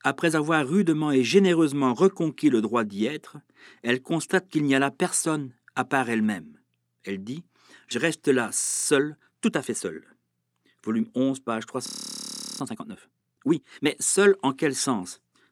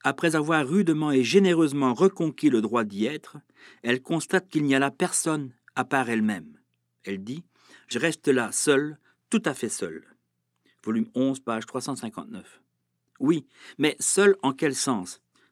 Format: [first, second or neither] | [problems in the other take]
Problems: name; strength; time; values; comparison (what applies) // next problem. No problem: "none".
second | audio freezing; at 8.5 s and at 12 s for 0.5 s